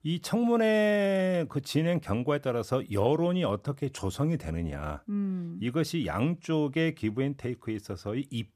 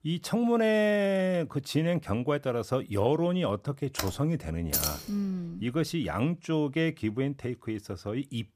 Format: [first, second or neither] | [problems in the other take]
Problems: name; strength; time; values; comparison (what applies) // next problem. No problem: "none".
first | keyboard typing; noticeable; at 4 s; peak 7 dB below the speech // jangling keys; loud; at 4.5 s; peak 1 dB above the speech